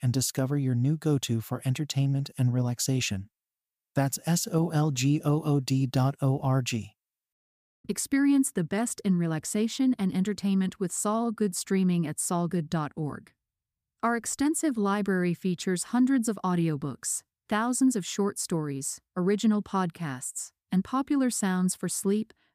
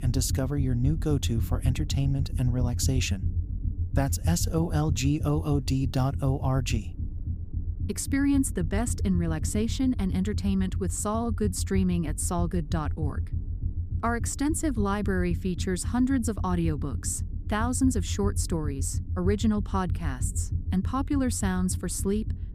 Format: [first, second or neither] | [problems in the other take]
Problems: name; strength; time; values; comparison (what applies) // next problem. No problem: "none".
first | low rumble; noticeable; throughout; 15 dB below the speech